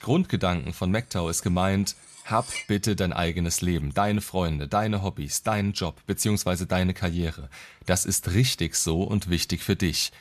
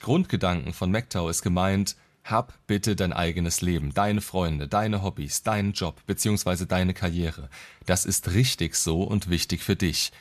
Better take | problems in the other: second | clattering dishes; noticeable; at 2 s; peak 8 dB below the speech

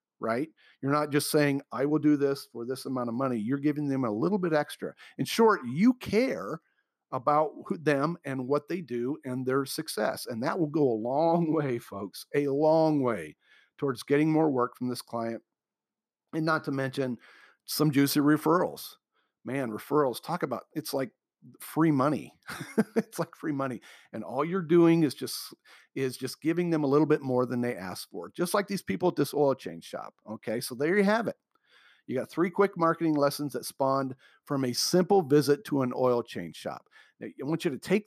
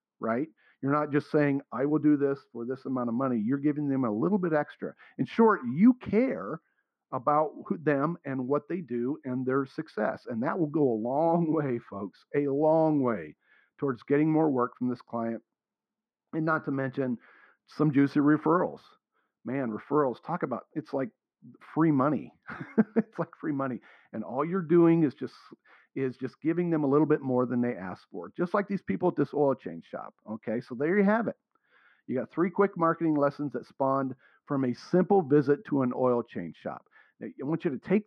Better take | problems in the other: first | muffled; very; fading above 1.5 kHz

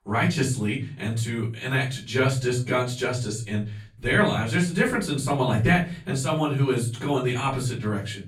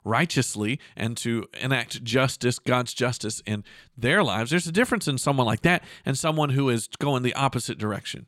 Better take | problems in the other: second | off-mic speech; far // room echo; slight; dies away in 0.5 s

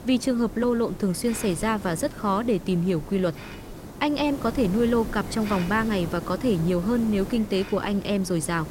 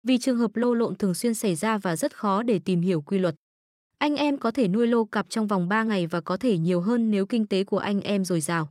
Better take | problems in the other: second | hiss; noticeable; throughout; 10 dB below the speech

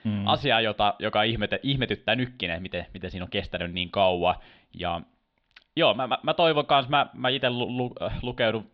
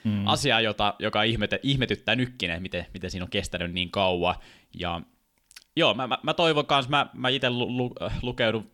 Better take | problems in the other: second | muffled; slightly; fading above 4 kHz

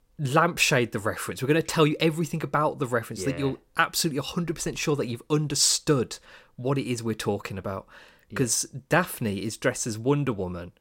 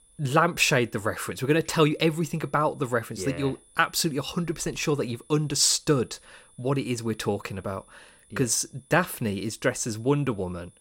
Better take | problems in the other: first | high-pitched whine; faint; throughout; 10.5 kHz, 30 dB below the speech

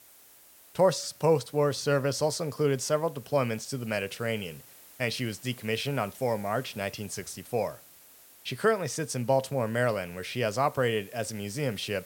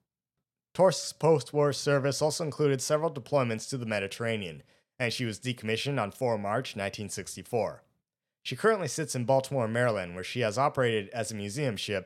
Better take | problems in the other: second | hiss; faint; throughout; 20 dB below the speech

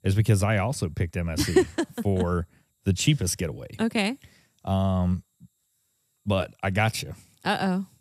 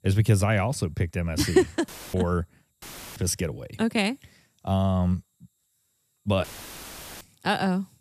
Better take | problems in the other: first | audio cutting out; filled with static; at 2 s, at 3 s and at 6.5 s for 1 s

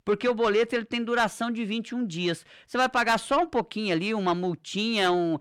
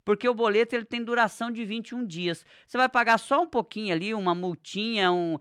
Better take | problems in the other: second | distortion; slight; 10 dB below the speech

